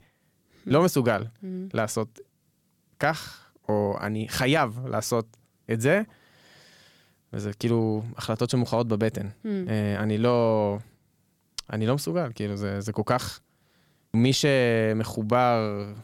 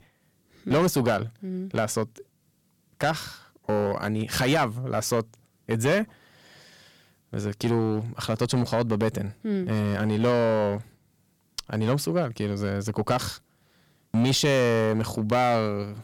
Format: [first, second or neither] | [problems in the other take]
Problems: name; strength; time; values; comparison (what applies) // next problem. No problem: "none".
first | distortion; slight; 5% of the sound clipped